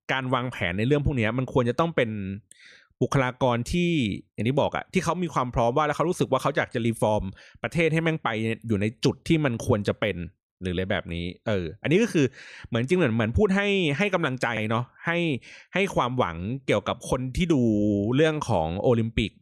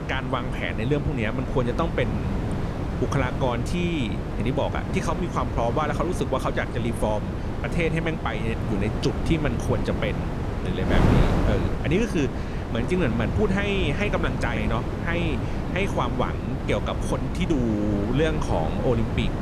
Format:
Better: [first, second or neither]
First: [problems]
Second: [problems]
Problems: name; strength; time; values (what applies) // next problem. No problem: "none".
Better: first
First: none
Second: wind noise on the microphone; heavy; 5 dB below the speech